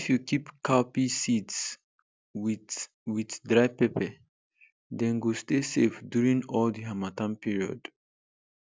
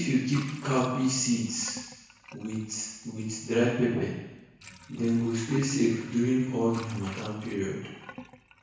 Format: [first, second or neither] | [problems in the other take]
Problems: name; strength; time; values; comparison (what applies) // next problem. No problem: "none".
first | background sound (Sink (filling or washing) / Water); 20 dB below the speech // room echo; dies away in 1 s